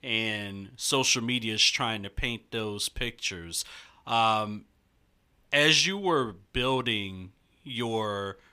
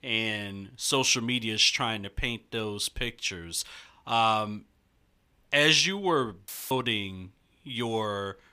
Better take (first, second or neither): first